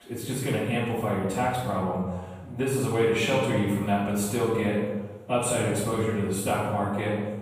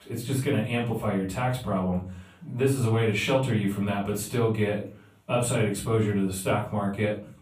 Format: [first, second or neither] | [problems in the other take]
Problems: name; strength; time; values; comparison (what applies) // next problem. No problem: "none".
second | room echo; strong; dies away in 1.1 s; slight in the second // off-mic speech; far; far in the second